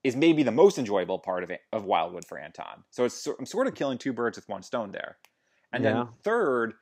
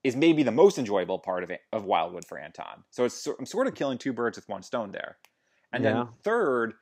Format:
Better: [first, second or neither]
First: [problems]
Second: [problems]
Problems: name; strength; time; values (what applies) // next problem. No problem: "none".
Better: neither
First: none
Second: none